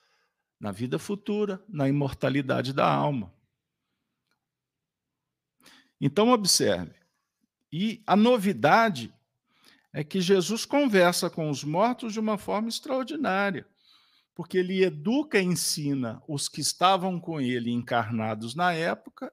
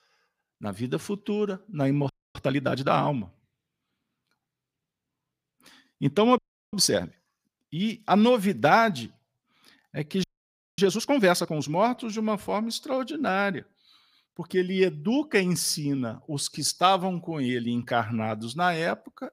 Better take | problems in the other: first | audio freezing; at 2 s, at 6.5 s and at 10 s for 0.5 s

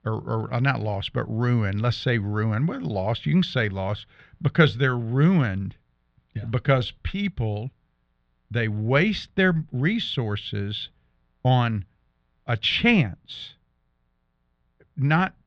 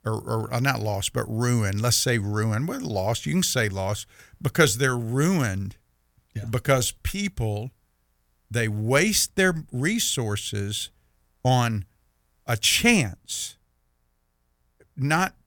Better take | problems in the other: second | muffled; very; fading above 4 kHz

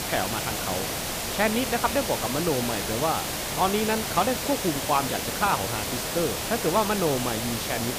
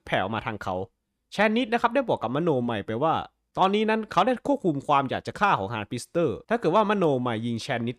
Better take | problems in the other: second | hiss; loud; throughout; 1 dB below the speech

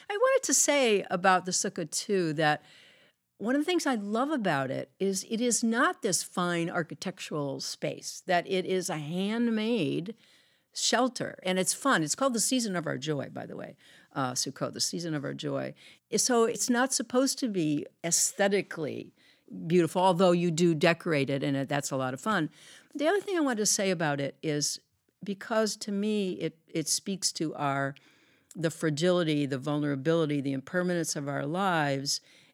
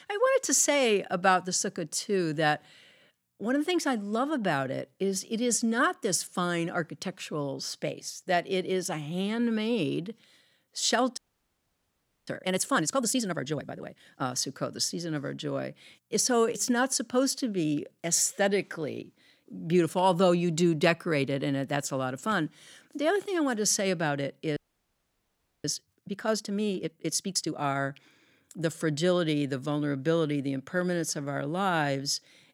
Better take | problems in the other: first | audio freezing; at 11 s for 1 s and at 25 s for 1 s

